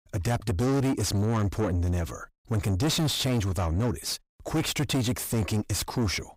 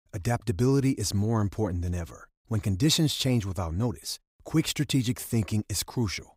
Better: second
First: distortion; heavy; 6 dB below the speech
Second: none

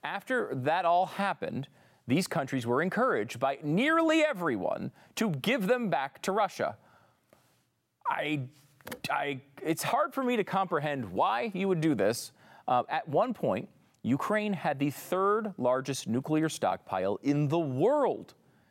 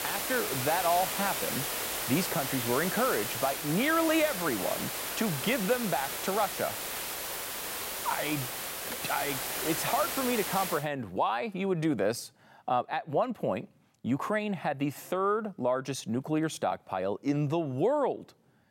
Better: first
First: none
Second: hiss; loud; until 11 s; 2 dB below the speech

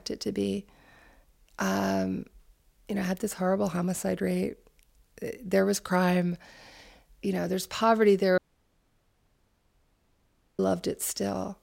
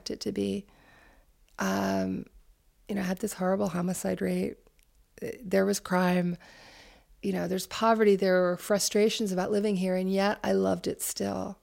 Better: second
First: audio cutting out; at 8.5 s for 2 s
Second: none

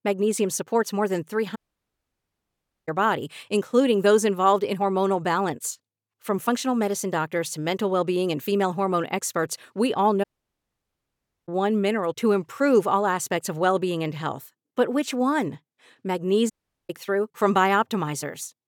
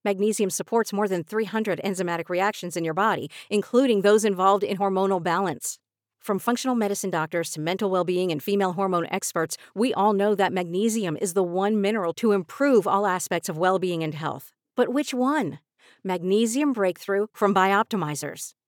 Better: second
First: audio cutting out; at 1.5 s for 1.5 s, at 10 s for 1 s and at 17 s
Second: none

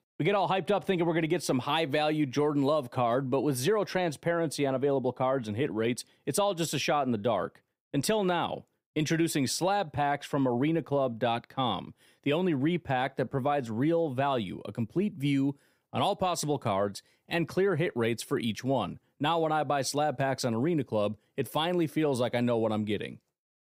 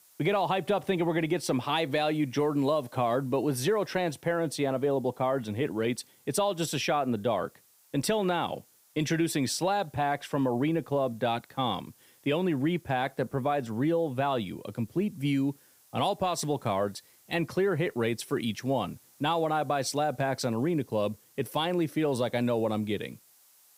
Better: first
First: none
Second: hiss; faint; throughout; 30 dB below the speech

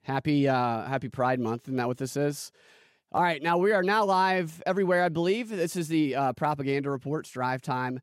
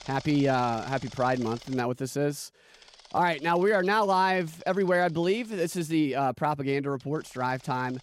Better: first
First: none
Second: machinery noise; faint; throughout; 20 dB below the speech

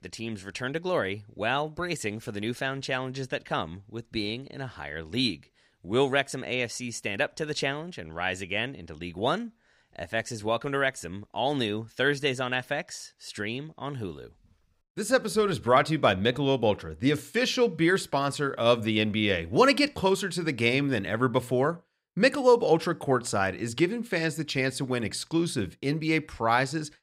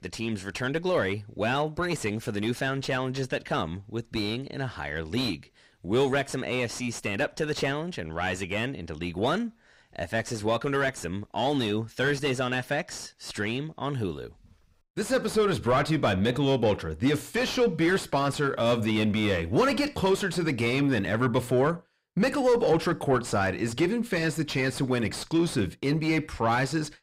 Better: first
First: none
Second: distortion; heavy; 7 dB below the speech

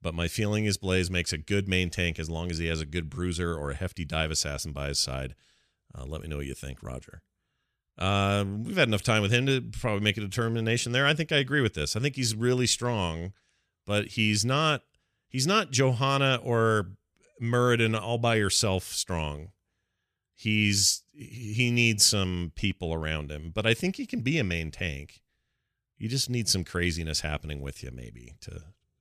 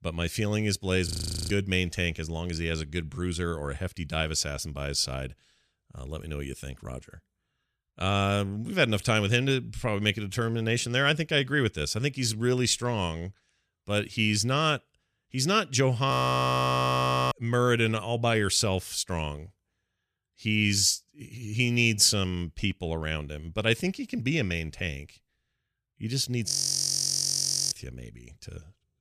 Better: first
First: none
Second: audio freezing; at 1 s, at 16 s for 1 s and at 26 s for 1 s

